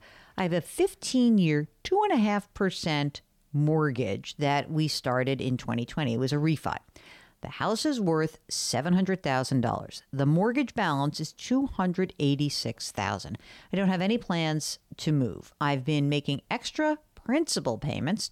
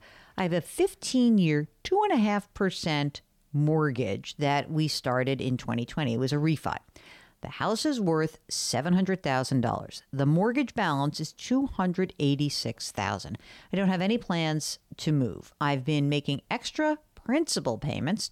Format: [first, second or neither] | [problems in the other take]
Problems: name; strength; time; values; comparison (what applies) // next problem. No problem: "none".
neither | none